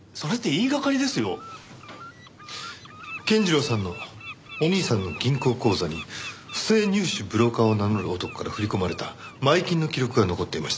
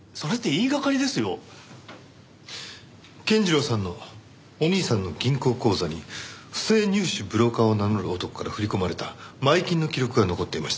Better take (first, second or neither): second